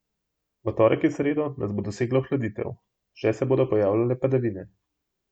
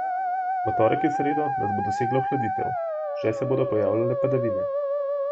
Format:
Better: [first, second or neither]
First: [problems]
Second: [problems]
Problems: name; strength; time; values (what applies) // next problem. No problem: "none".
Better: first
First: none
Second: background sound (Musical instrument); 1 dB above the speech